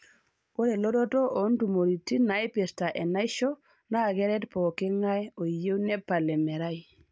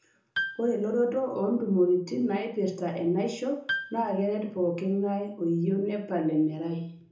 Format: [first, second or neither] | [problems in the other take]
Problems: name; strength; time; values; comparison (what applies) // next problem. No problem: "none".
first | background sound (Piano); 10 dB below the speech // room echo; dies away in 0.6 s